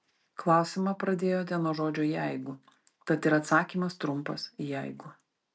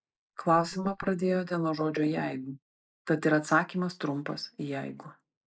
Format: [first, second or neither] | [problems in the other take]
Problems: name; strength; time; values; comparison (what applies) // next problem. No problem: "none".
first | noise reduction (neural mask model Resemble Enhance denoiser)